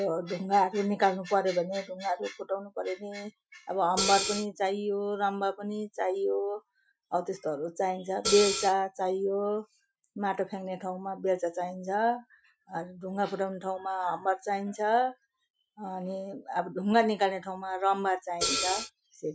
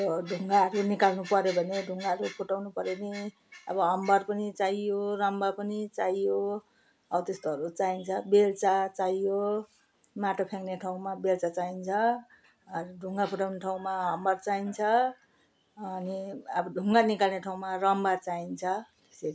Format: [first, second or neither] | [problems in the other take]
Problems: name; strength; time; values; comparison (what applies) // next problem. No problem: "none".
second | noise reduction (classical method Wiener filter)